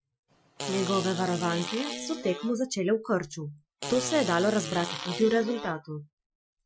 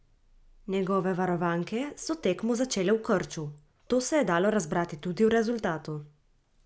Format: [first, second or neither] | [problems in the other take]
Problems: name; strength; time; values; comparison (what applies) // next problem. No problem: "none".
second | noise reduction (classical method Wiener filter)